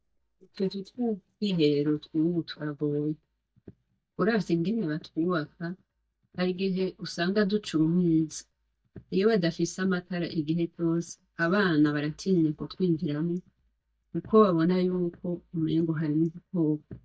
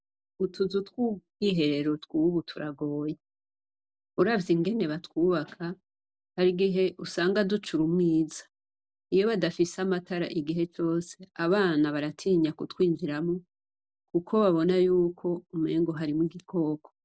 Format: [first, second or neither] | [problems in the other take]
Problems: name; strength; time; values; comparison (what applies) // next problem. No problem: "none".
second | noise reduction (neural mask model DeepFilterNet 3)